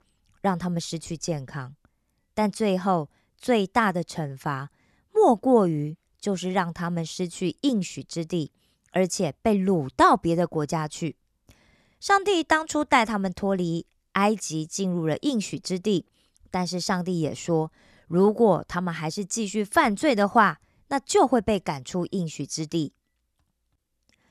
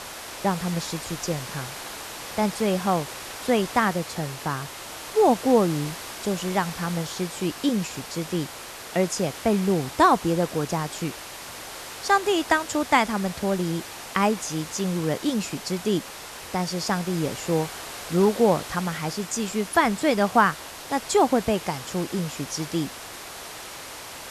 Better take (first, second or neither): first